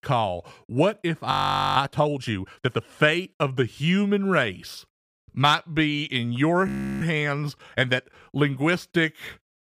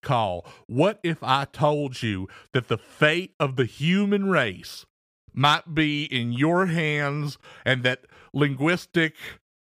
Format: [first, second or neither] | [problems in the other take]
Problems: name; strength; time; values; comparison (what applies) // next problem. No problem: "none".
second | audio freezing; at 1.5 s and at 6.5 s